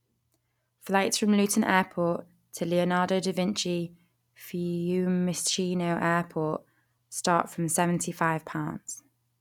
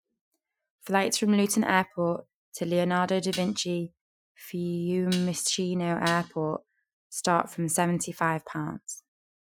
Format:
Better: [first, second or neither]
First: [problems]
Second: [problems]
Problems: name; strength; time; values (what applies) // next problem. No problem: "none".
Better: first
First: none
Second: noise reduction (classical method Wiener filter)